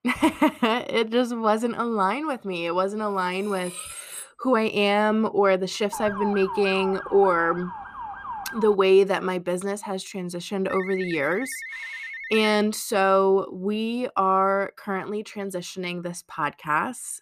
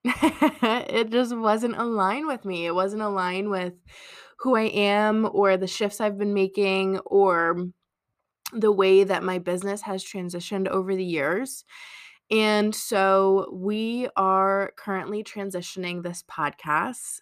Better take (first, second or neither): second